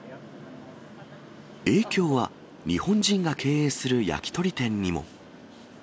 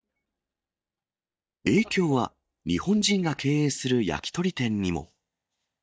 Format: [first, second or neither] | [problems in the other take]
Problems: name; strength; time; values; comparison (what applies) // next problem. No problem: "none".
first | noise reduction (neural mask model DeepFilterNet 3)